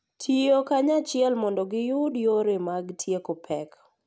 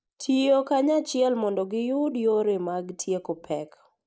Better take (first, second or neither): first